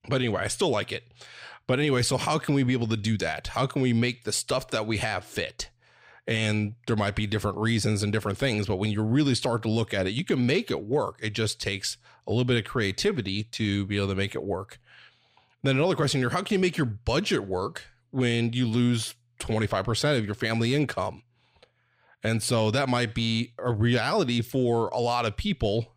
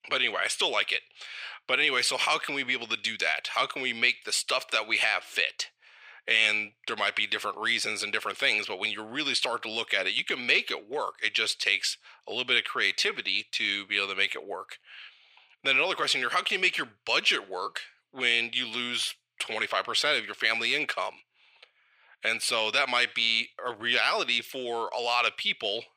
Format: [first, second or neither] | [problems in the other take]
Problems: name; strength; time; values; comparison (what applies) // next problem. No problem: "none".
first | thin; very; fading below 550 Hz